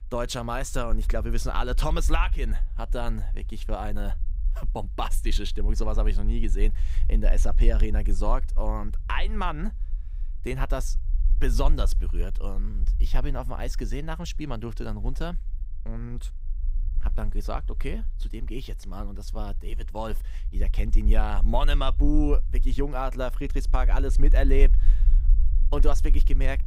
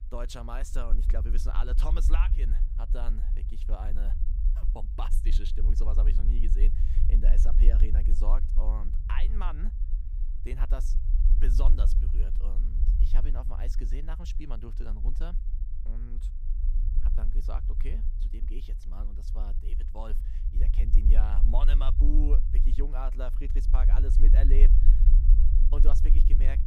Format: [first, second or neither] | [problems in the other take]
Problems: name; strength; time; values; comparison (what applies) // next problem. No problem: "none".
first | low rumble; loud; throughout; 7 dB below the speech; faint in the first